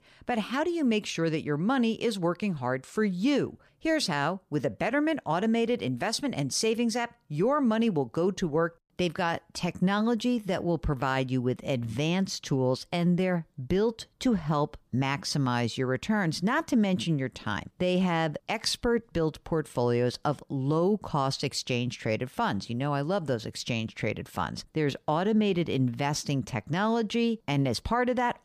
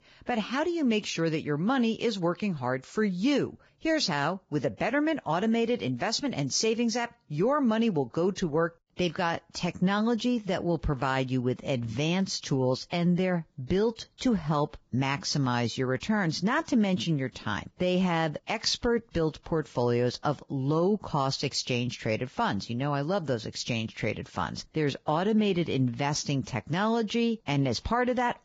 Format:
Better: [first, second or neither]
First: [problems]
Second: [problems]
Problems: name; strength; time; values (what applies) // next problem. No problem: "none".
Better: first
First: none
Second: garbled, watery; badly; nothing above 7.5 kHz